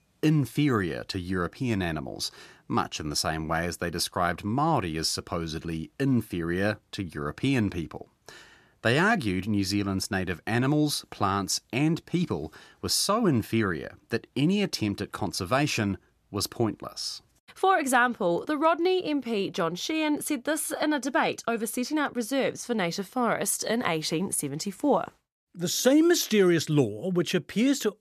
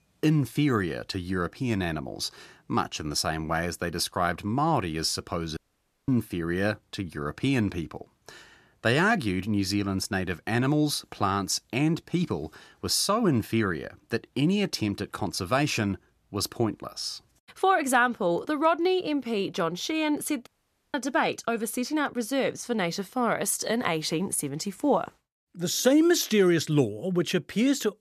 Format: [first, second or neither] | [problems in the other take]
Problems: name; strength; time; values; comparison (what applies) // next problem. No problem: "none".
first | audio cutting out; at 5.5 s for 0.5 s and at 20 s